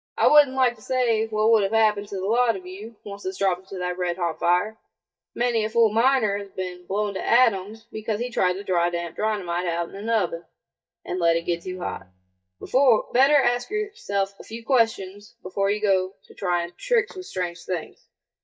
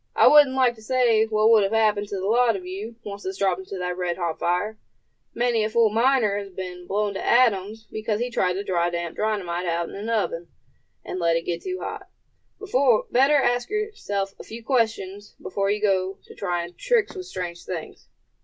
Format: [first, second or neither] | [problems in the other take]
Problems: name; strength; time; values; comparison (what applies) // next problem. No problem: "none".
second | noise reduction (neural mask model DeepFilterNet 3)